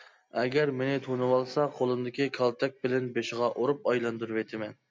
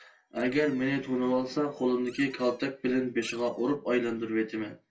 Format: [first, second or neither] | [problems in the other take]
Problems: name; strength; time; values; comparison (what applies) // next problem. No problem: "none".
first | noise reduction (neural separator model SepFormer DNS4)